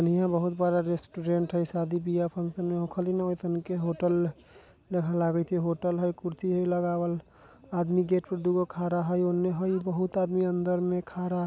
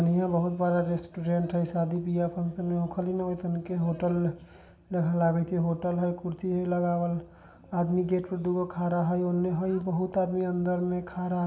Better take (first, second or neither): first